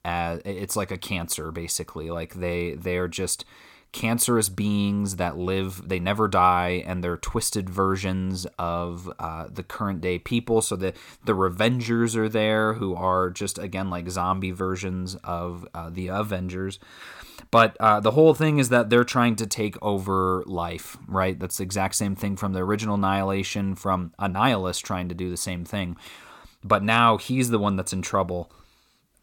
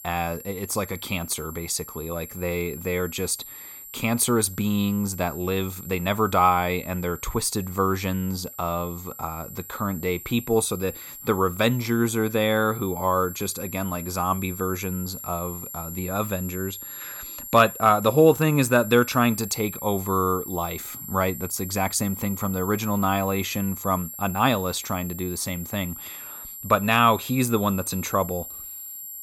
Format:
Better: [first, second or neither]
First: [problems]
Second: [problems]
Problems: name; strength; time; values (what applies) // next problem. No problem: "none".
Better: first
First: none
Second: high-pitched whine; noticeable; throughout; 11.5 kHz, 10 dB below the speech